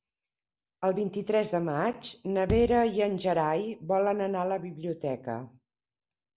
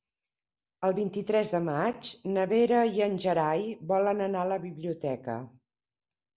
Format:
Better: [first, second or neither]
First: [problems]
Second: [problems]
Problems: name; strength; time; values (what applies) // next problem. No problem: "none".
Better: second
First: background sound (Bass drum); 9 dB below the speech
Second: none